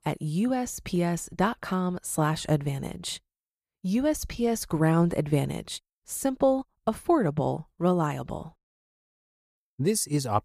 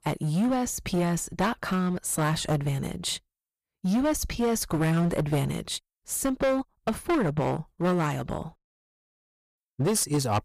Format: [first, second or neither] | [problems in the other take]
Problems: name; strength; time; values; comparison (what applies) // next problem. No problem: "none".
first | distortion; heavy; 11% of the sound clipped